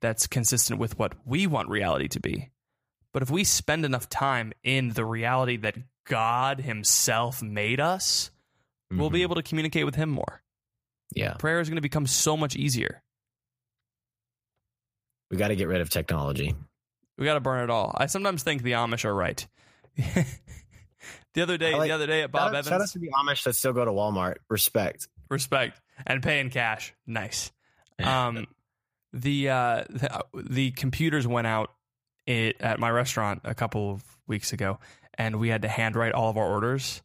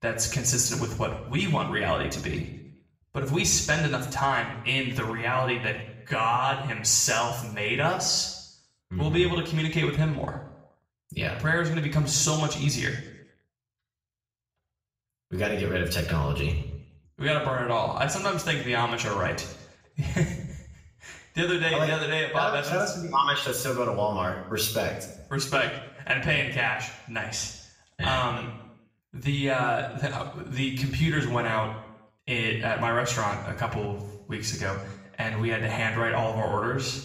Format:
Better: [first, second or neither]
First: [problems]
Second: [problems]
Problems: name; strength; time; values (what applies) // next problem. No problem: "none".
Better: first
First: none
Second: room echo; noticeable; dies away in 0.8 s // off-mic speech; far